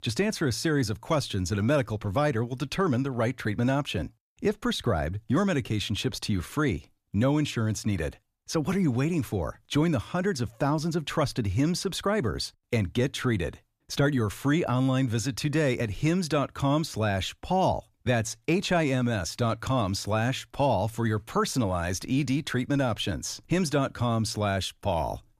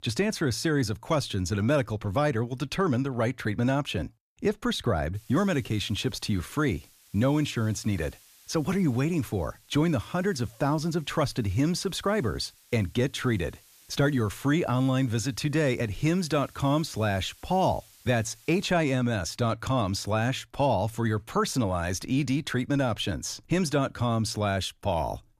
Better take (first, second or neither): first